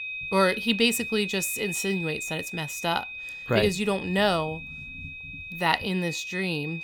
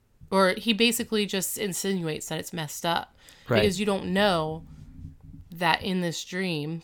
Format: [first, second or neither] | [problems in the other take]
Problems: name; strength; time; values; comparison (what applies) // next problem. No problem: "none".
second | high-pitched whine; loud; throughout; 2.5 kHz, 8 dB below the speech